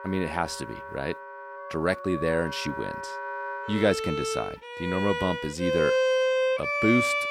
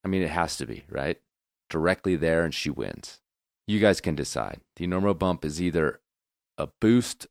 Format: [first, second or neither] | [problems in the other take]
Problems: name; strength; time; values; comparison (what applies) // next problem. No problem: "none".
second | background music; very loud; throughout; as loud as the speech